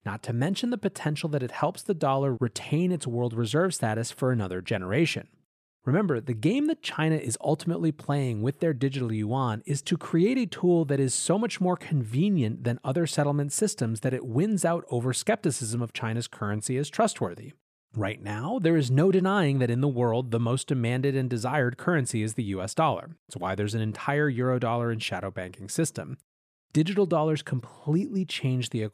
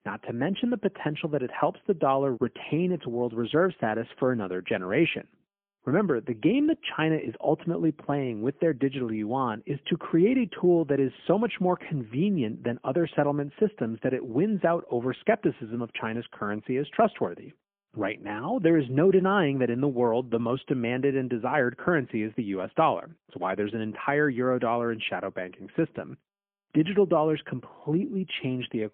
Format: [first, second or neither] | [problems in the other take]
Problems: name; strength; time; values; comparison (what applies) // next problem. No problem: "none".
first | phone-call audio; poor line; nothing above 3.5 kHz